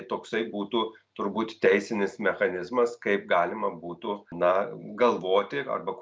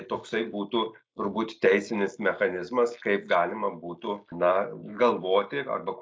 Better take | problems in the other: first | noise reduction (neural mask model Resemble Enhance denoiser)

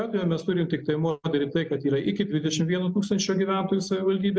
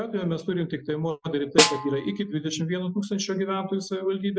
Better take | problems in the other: first | noise reduction (classical method Wiener filter)

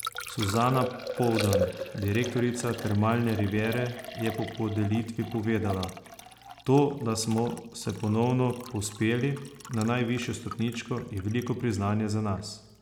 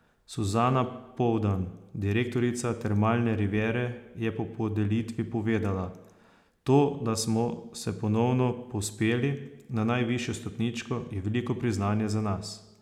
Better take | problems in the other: second | background sound (Liquid); 11 dB below the speech

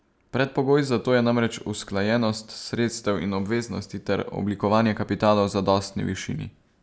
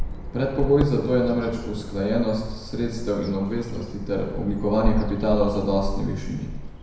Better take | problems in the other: first | background sound (Bird vocalization, bird call, bird song); 5 dB below the speech // room echo; dies away in 1 s

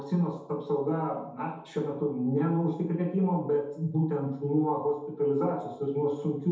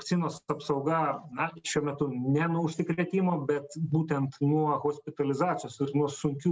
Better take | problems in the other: second | room echo; dies away in 0.8 s

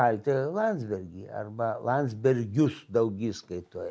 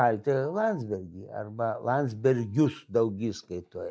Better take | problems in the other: first | noise reduction (neural mask model DeepFilterNet 3)

